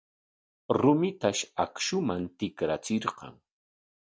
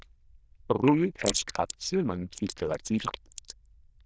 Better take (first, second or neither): first